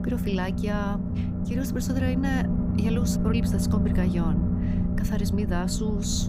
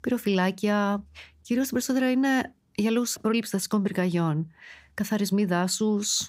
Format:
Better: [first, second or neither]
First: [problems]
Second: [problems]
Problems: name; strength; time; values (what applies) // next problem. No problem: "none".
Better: second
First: low rumble; loud; throughout; 2 dB below the speech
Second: none